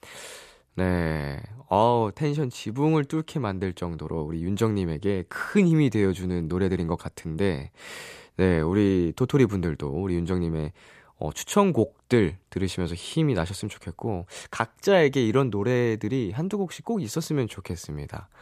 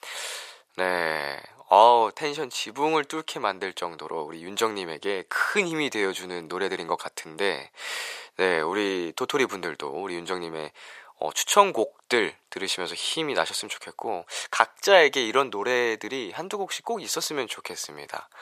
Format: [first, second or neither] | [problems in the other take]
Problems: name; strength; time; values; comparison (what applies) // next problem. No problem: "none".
first | thin; very; fading below 700 Hz